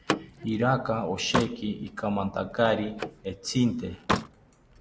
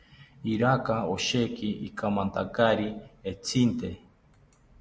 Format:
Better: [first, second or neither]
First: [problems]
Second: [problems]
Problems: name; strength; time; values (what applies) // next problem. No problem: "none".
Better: second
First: background sound (Slam); 6 dB below the speech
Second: none